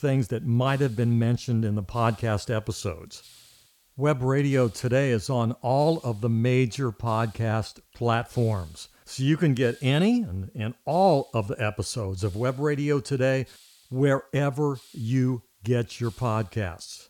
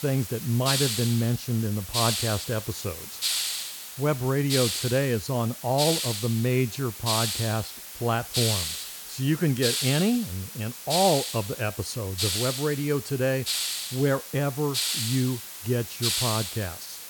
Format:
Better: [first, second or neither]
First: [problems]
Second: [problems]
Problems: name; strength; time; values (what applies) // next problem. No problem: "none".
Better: first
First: hiss; faint; throughout; 30 dB below the speech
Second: hiss; loud; throughout; 2 dB below the speech